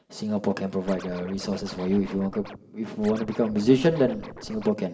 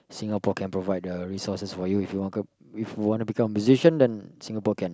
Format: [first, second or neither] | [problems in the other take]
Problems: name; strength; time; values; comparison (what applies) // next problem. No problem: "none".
second | background sound (Scratching (performance technique)); 16 dB below the speech // room echo; dies away in 0.7 s